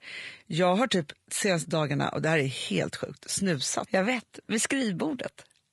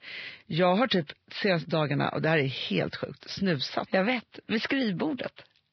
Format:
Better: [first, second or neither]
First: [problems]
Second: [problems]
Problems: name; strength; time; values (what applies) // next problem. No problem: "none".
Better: first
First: garbled, watery; slightly; nothing above 11.5 kHz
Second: garbled, watery; badly; nothing above 5.5 kHz